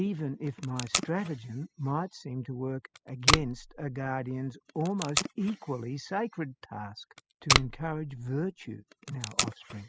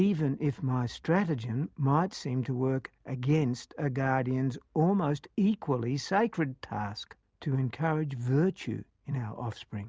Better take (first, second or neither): second